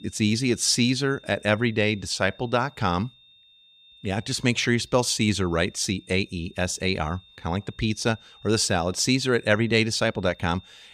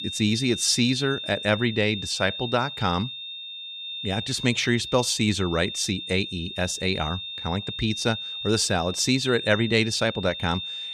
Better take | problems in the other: first | high-pitched whine; loud; throughout; 3.5 kHz, 8 dB below the speech; faint in the first

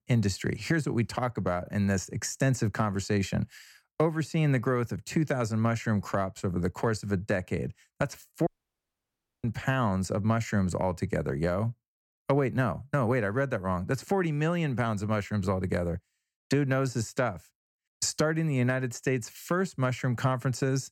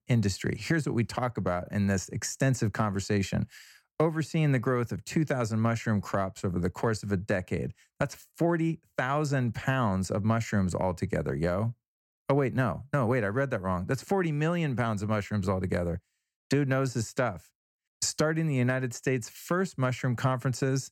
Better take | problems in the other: second | audio cutting out; at 8.5 s for 1 s

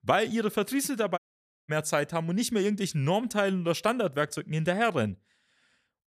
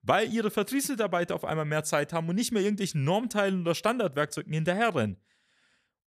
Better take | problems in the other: second | audio cutting out; at 1 s for 0.5 s

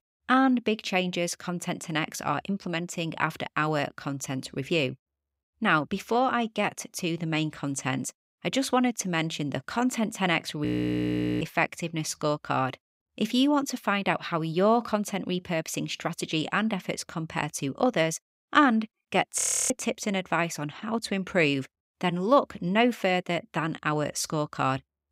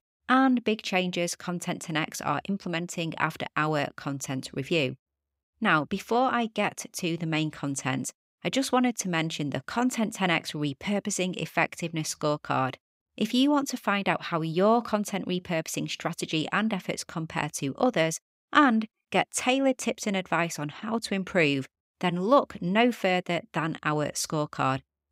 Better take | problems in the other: second | audio freezing; at 11 s for 1 s and at 19 s

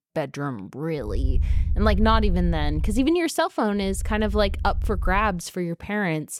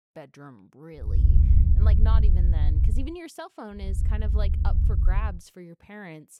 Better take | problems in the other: first | low rumble; loud; from 1 to 3 s and from 4 to 5.5 s; 1 dB below the speech; faint in the first

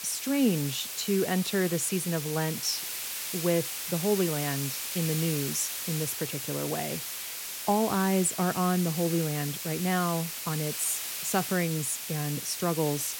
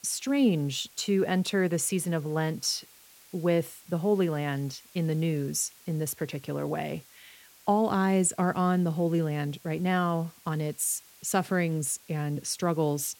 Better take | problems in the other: second | hiss; loud; throughout; 4 dB below the speech; faint in the second

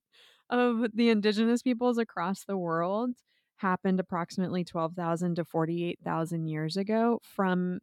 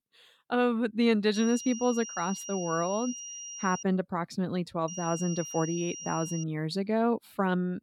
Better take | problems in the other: first | high-pitched whine; loud; from 1.5 to 4 s and from 5 to 6.5 s; 5.5 kHz, 9 dB below the speech

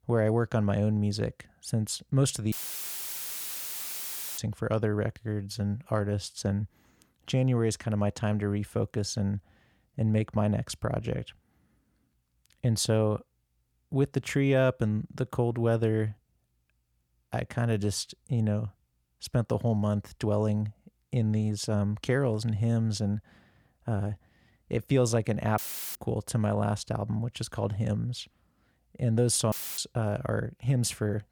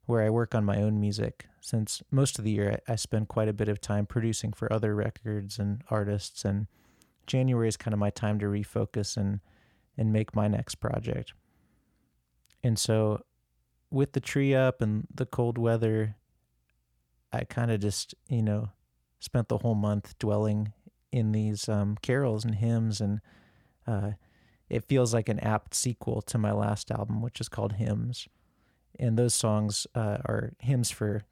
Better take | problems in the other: second | audio cutting out; filled with static; at 2.5 s for 2 s, at 26 s and at 30 s

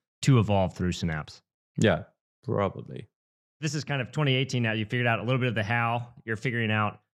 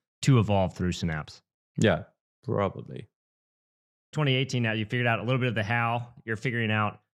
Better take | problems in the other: first | audio cutting out; at 3.5 s for 1 s

